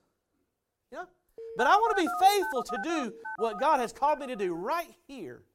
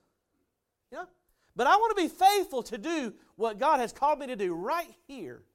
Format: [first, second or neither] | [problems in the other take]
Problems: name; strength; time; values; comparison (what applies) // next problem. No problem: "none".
second | phone ringing; noticeable; from 1.5 to 4.5 s; peak 4 dB below the speech